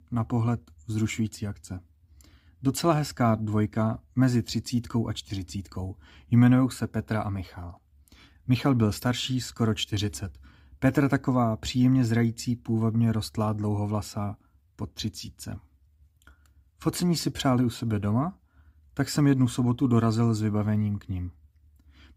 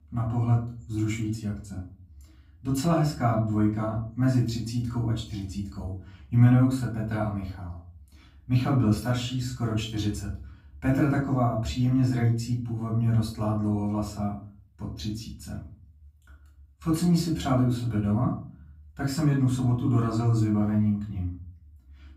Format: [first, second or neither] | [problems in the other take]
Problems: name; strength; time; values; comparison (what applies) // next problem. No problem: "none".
first | off-mic speech; far // room echo; slight; dies away in 0.4 s